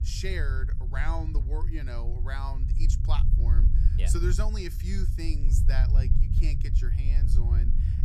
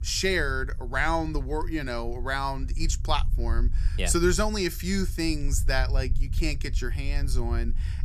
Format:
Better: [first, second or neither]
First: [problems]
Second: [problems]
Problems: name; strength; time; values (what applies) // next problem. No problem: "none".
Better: second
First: low rumble; loud; throughout; 6 dB below the speech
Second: low rumble; faint; throughout; 20 dB below the speech